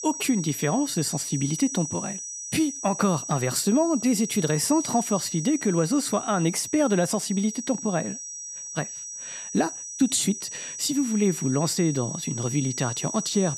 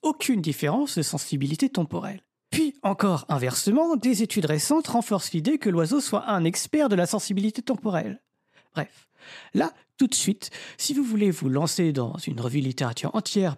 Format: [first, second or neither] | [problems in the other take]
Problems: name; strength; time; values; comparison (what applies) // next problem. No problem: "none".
second | high-pitched whine; loud; throughout; 6 kHz, 7 dB below the speech